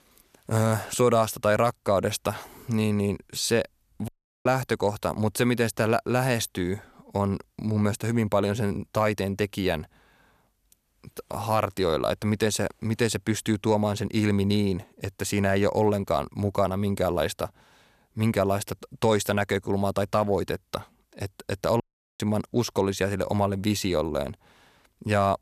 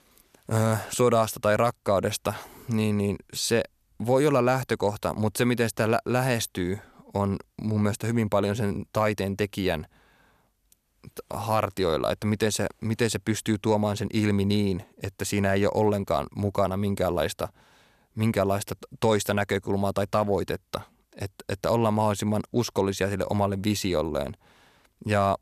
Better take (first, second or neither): second